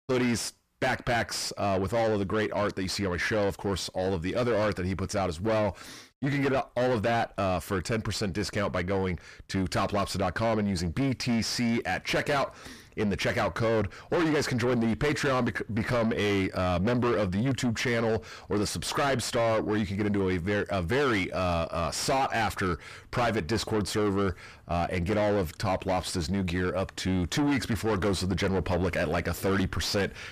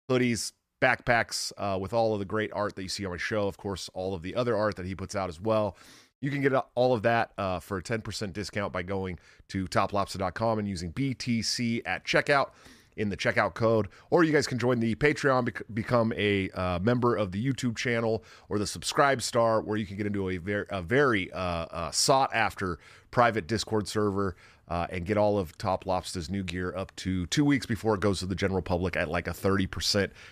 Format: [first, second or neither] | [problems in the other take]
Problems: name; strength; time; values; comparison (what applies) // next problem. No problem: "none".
second | distortion; heavy; 5 dB below the speech